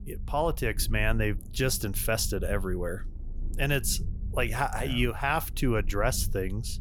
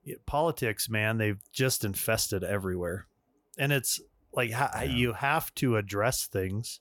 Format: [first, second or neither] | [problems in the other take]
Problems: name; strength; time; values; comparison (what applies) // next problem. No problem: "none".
second | low rumble; faint; throughout; 25 dB below the speech